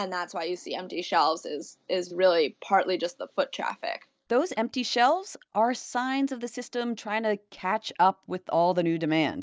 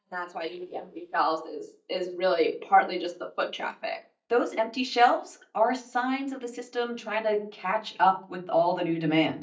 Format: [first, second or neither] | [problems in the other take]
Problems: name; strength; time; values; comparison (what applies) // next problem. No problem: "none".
first | noise reduction (neural mask model DeepFilterNet 3)